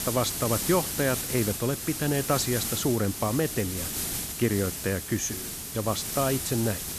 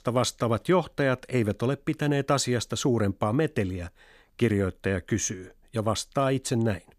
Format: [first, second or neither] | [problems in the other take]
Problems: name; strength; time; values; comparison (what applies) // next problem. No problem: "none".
second | hiss; loud; throughout; 3 dB below the speech